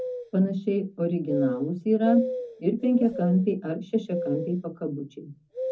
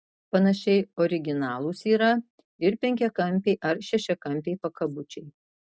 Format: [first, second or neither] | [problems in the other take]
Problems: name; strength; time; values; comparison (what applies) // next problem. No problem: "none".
second | background sound (Bird vocalization, bird call, bird song); 9 dB below the speech // room echo; dies away in 0.3 s